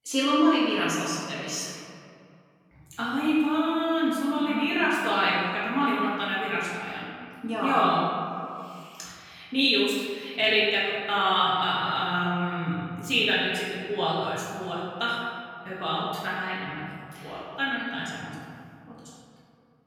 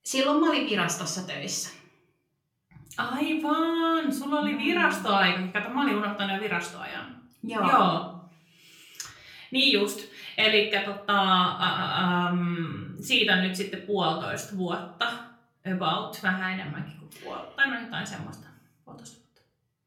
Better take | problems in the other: second | room echo; strong; dies away in 2.2 s; slight in the second // off-mic speech; far; far in the second

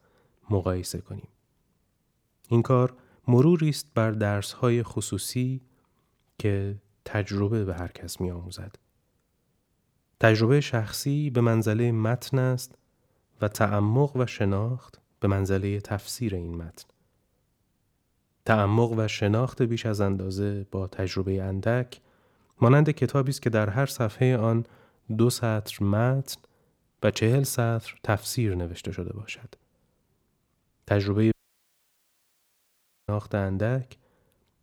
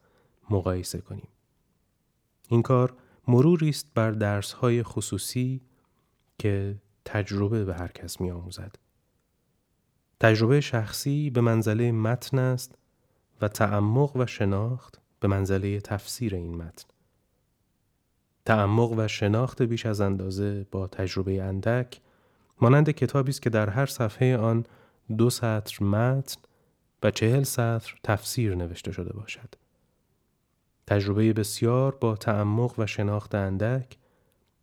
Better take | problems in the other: second | audio cutting out; at 31 s for 2 s

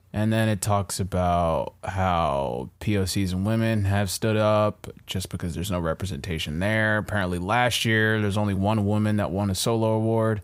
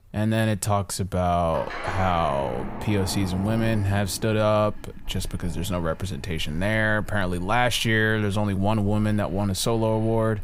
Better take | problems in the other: first | household noises; noticeable; throughout; 15 dB below the speech

